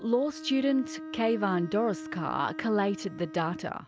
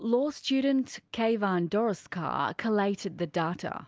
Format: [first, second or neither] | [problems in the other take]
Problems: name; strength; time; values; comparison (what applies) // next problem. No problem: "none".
second | background sound (Bowed string instrument); 12 dB below the speech